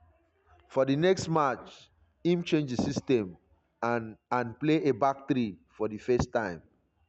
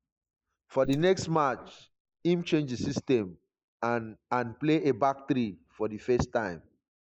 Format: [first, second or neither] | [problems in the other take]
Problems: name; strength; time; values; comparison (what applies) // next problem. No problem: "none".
first | noise reduction (neural mask model Resemble Enhance denoiser)